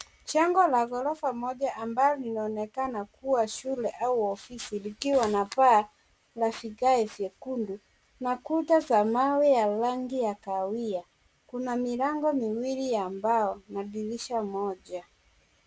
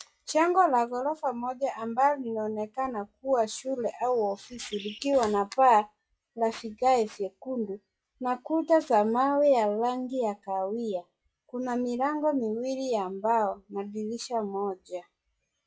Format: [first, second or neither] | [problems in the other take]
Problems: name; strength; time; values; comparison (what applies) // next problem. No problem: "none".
first | noise reduction (classical method log-MMSE)